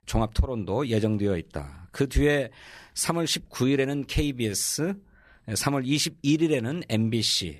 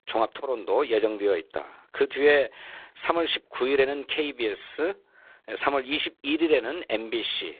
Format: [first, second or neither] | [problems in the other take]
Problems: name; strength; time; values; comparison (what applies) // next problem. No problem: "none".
first | phone-call audio; poor line; nothing above 3.5 kHz